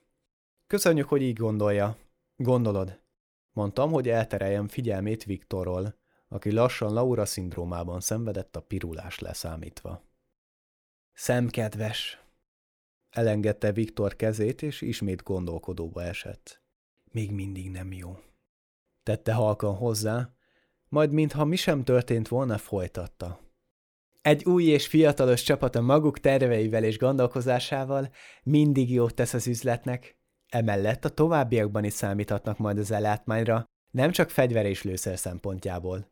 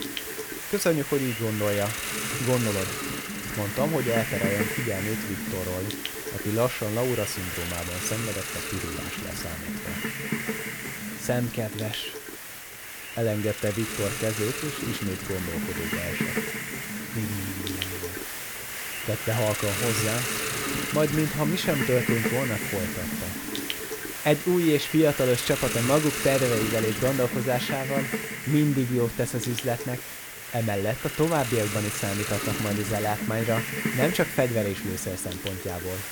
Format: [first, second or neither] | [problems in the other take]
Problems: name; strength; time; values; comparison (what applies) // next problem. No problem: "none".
first | hiss; loud; throughout; 2 dB below the speech